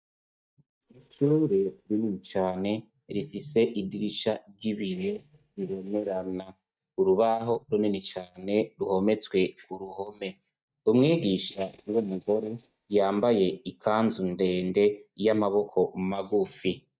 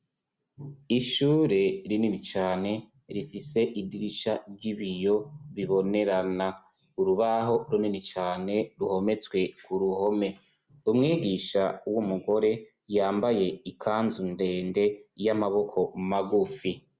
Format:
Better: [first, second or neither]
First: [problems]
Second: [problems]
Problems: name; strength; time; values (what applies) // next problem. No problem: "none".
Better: second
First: noise reduction (neural mask model DeepFilterNet 3)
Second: none